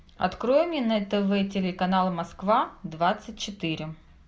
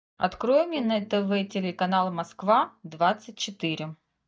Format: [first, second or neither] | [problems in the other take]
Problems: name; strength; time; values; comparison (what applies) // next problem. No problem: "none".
first | noise reduction (neural mask model DeepFilterNet 3)